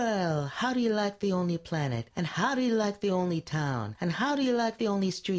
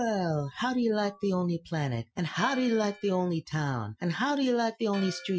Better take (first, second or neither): first